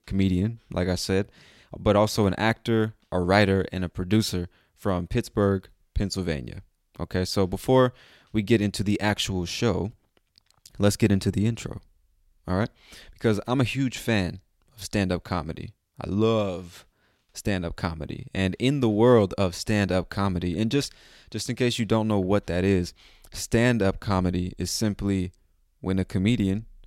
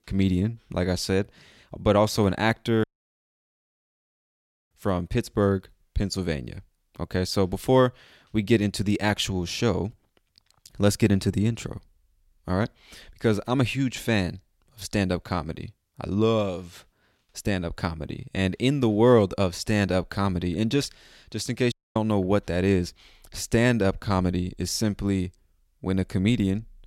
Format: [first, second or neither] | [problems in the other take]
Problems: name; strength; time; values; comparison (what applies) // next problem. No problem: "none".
first | audio cutting out; at 3 s for 2 s and at 22 s